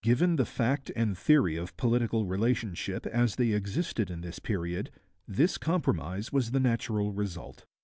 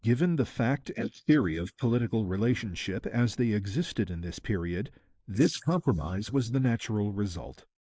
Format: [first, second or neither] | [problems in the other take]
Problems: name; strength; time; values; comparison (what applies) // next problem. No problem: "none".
first | noise reduction (neural mask model Resemble Enhance denoiser)